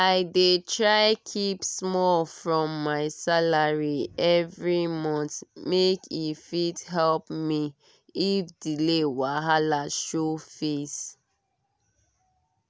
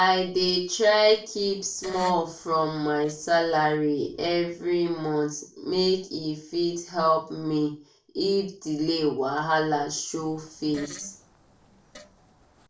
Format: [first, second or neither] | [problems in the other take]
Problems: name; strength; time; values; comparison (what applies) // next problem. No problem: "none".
first | noise reduction (neural separator model SepFormer DNS4)